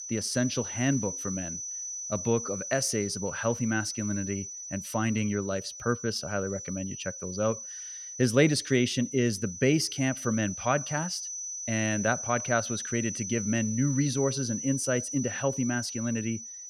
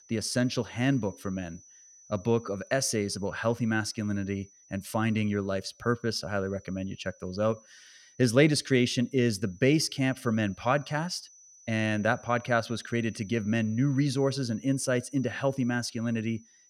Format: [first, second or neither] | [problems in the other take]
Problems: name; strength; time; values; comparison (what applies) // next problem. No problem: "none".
second | high-pitched whine; loud; throughout; 6 kHz, 6 dB below the speech; faint in the second